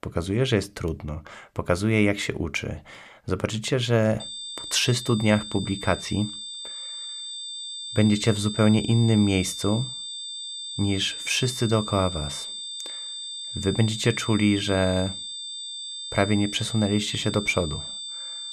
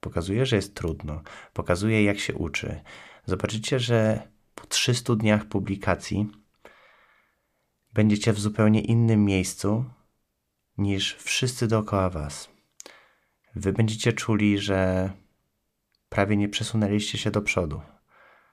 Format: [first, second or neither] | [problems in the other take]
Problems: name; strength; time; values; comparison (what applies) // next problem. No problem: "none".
second | high-pitched whine; loud; from 4 s on; 3.5 kHz, 8 dB below the speech